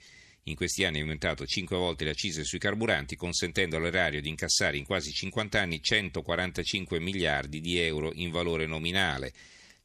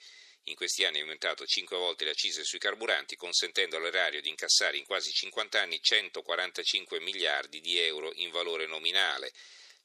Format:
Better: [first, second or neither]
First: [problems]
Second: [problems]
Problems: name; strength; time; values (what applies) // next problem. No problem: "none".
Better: first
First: none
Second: thin; very; fading below 400 Hz